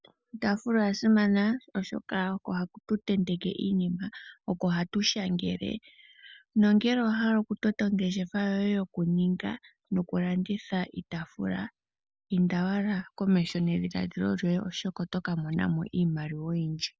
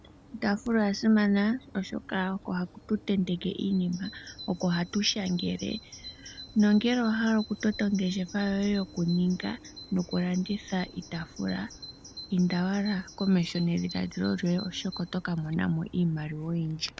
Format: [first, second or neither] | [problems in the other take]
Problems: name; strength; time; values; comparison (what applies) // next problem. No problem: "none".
first | background sound (Bird vocalization, bird call, bird song); 18 dB below the speech